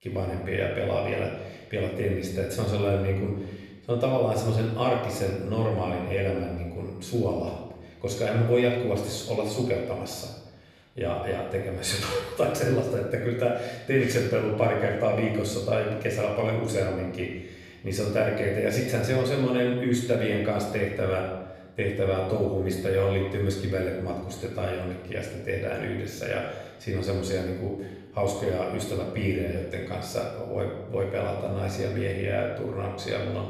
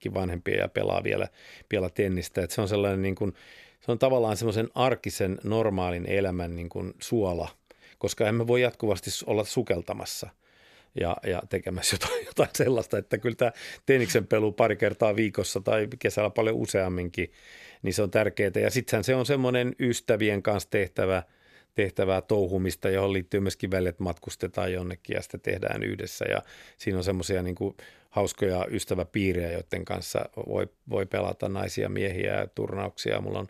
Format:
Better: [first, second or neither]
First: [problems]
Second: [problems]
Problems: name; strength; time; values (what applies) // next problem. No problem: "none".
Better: second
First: off-mic speech; far // room echo; noticeable; dies away in 0.9 s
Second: none